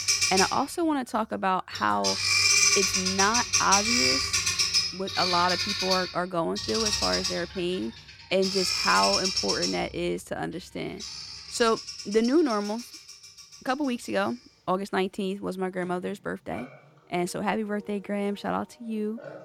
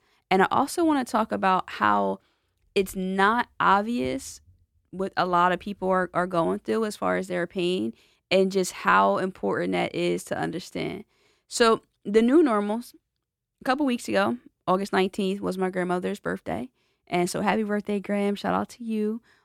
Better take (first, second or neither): second